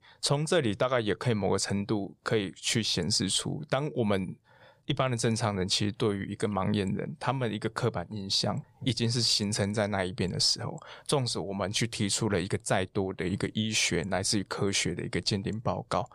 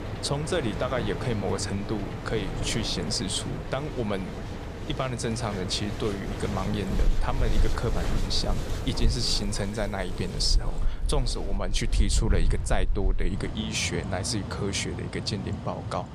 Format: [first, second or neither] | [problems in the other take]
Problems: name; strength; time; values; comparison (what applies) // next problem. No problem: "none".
first | machinery noise; loud; throughout; 3 dB below the speech